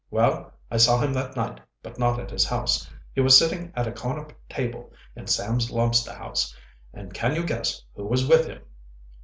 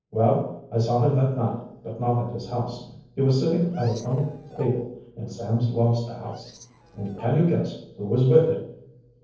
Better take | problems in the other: first | noise reduction (neural separator model SepFormer DNS4)

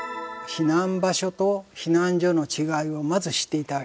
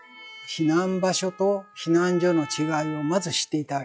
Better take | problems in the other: first | noise reduction (classical method log-MMSE)

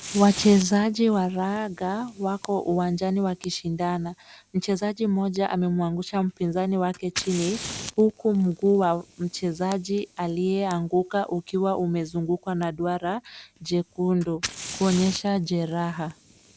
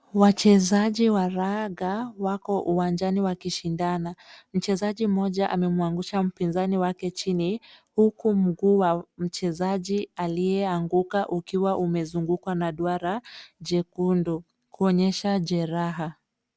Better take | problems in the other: second | background sound (Fire); 17 dB below the speech

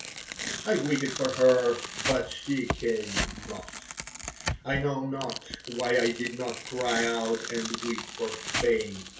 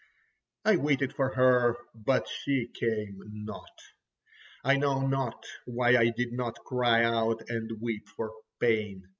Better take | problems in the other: second | background sound (Tearing); 6 dB below the speech // room echo; dies away in 0.2 s

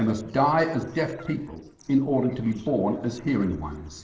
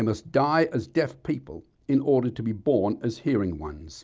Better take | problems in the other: second | noise reduction (neural separator model SepFormer DNS4)

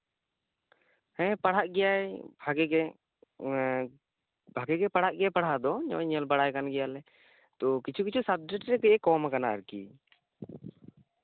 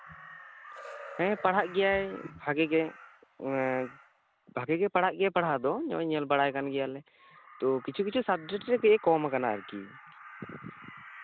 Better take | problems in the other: first | background sound (Crow); 19 dB below the speech

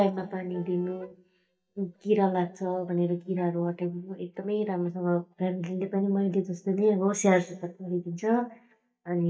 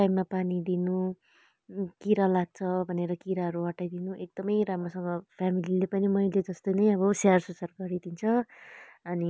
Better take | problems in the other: second | noise reduction (neural mask model DeepFilterNet 3)

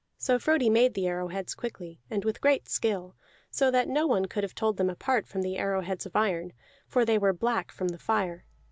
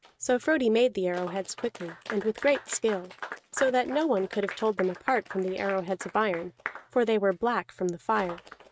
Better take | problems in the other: first | noise reduction (neural mask model RNNoise)

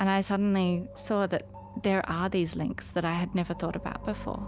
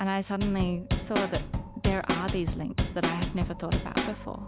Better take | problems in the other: first | background sound (Drum / Drum kit); 1 dB above the speech

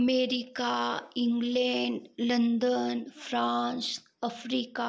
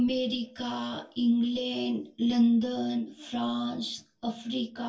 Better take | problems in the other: first | room echo; dies away in 0.1 s

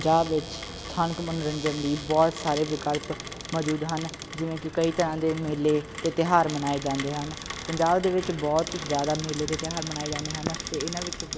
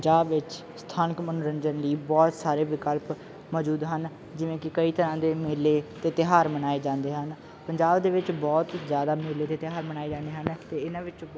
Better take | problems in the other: second | background sound (Rain + Cupboard open or close); 10 dB below the speech

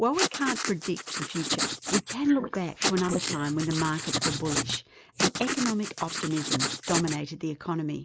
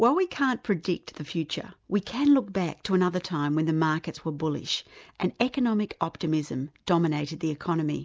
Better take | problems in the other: second | noise reduction (neural mask model Resemble Enhance denoiser)

